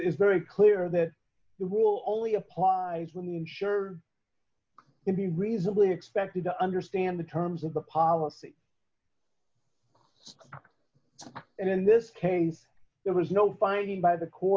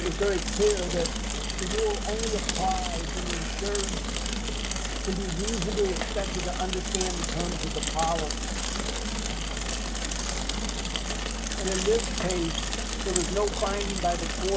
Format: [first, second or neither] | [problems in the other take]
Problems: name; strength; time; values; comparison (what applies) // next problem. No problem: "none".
first | background sound (Mechanisms / Bicycle); 2 dB above the speech